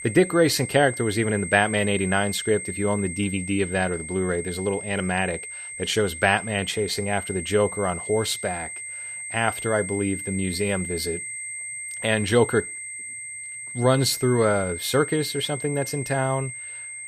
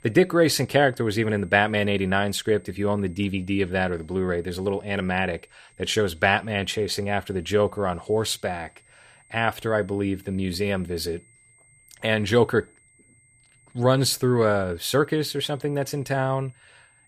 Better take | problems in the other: second | high-pitched whine; loud; throughout; 2 kHz, 8 dB below the speech; faint in the second

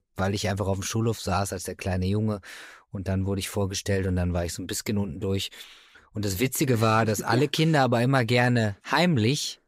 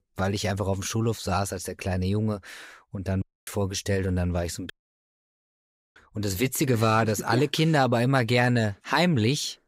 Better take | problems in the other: first | audio cutting out; at 3 s and at 4.5 s for 1.5 s

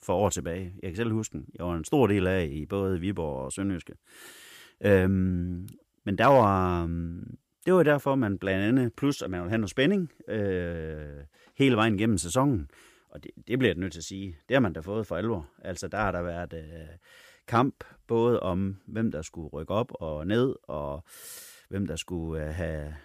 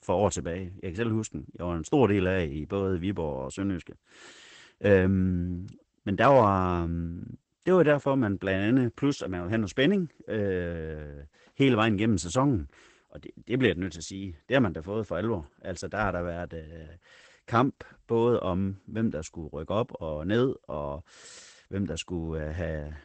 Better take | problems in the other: first | garbled, watery; badly; nothing above 8 kHz

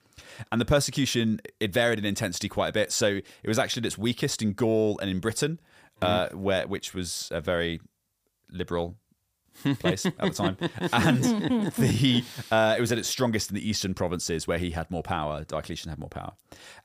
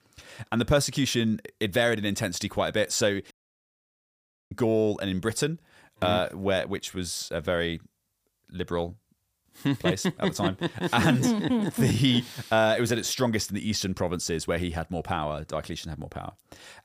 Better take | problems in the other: first | audio cutting out; at 3.5 s for 1 s

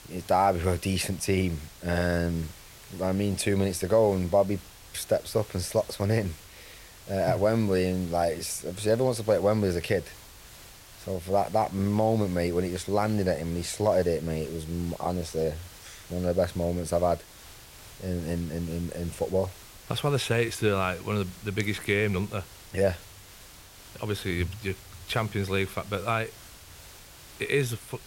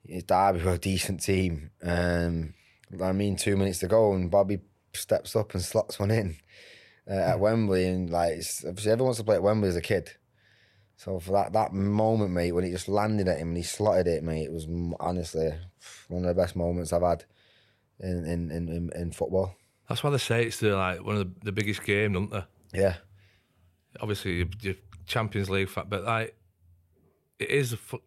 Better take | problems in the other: second | hiss; noticeable; throughout; 20 dB below the speech

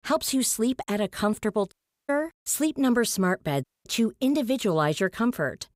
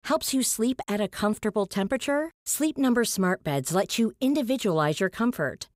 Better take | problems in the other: second | audio cutting out; at 1.5 s and at 3.5 s

